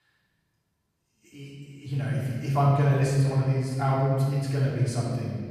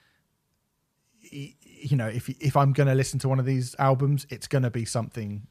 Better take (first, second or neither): second